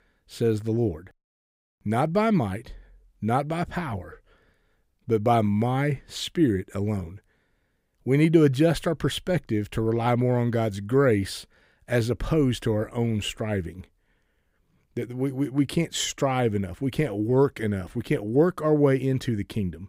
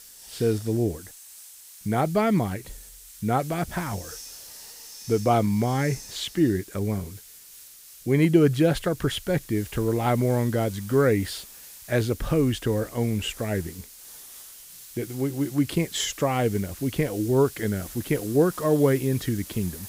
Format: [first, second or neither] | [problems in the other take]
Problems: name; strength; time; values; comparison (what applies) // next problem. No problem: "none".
first | hiss; noticeable; throughout; 15 dB below the speech